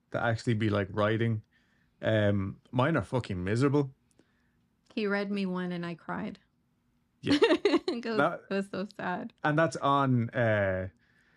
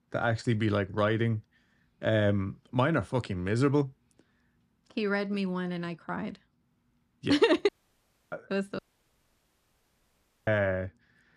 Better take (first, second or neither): first